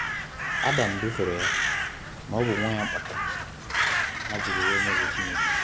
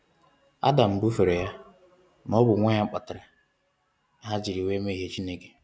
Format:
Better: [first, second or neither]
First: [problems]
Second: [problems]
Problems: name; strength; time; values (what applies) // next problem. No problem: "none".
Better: second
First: background sound (Crow); 4 dB above the speech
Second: none